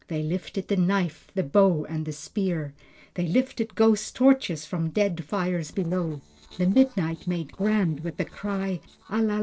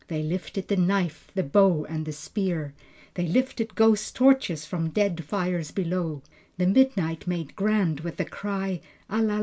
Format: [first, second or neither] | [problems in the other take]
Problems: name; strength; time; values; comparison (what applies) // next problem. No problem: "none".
second | noise reduction (neural separator model SepFormer DNS4)